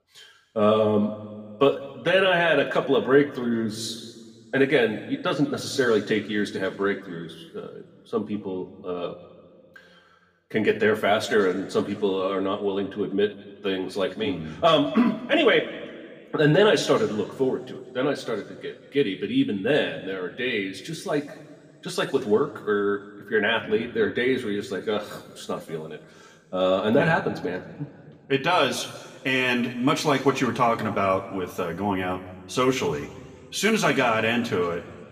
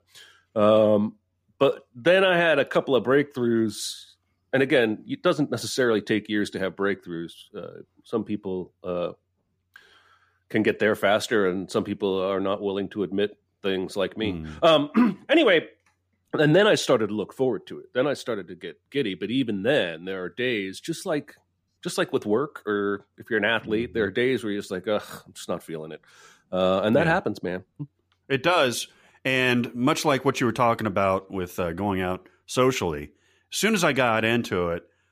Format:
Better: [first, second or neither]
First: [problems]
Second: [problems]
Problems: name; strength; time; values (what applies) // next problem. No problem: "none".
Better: second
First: room echo; slight; dies away in 1.5 s // off-mic speech; somewhat distant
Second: none